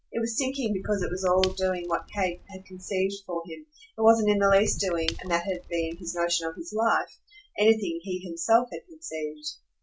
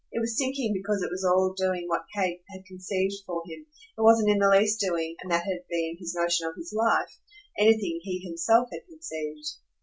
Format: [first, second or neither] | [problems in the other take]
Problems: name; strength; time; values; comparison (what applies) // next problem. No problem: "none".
second | background sound (Shatter / Crushing); 12 dB below the speech